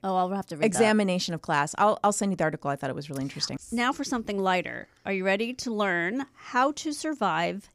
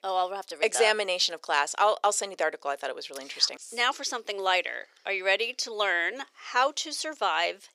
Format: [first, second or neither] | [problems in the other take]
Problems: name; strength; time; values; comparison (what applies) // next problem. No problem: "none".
first | thin; very; fading below 450 Hz